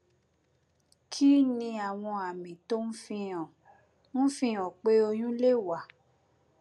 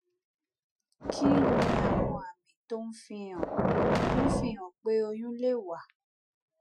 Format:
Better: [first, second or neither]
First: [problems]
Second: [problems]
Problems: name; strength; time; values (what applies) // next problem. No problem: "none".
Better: first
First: none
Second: noise reduction (classical method Wiener filter)